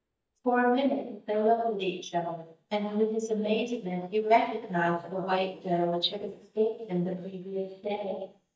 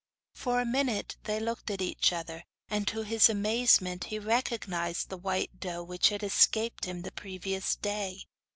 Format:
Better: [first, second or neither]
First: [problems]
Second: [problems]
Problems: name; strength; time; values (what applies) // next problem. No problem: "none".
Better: second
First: noise reduction (neural mask model DeepFilterNet 3)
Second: none